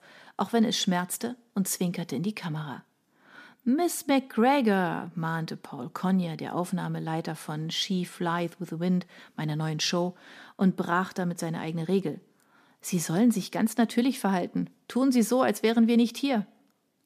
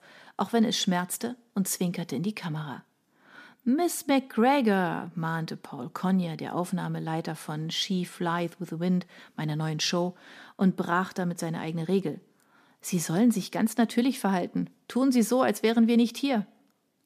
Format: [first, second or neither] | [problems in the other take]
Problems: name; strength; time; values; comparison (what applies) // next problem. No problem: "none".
neither | none